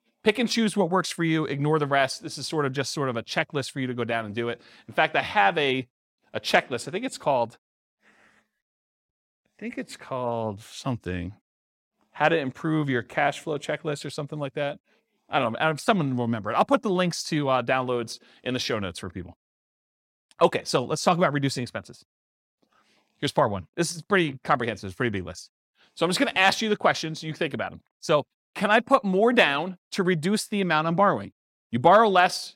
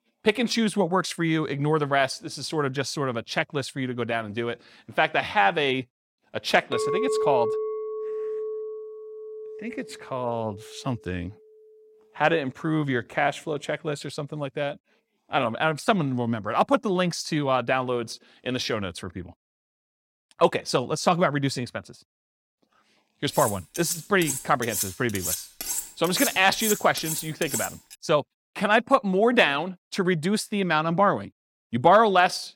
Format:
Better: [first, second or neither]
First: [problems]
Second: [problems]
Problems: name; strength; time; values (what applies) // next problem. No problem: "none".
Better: first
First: none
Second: clattering dishes; noticeable; from 6.5 to 10 s and from 23 to 28 s; peak level with the speech